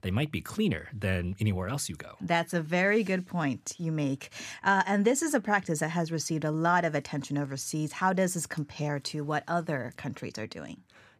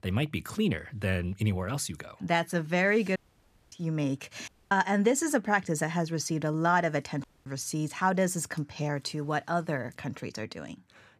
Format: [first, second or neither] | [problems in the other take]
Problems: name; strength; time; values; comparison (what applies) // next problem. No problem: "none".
first | audio cutting out; at 3 s for 0.5 s, at 4.5 s and at 7 s